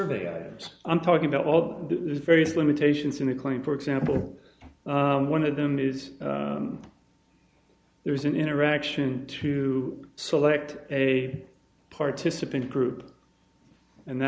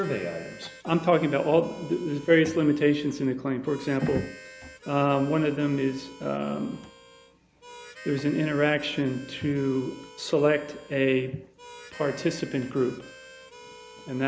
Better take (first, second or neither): first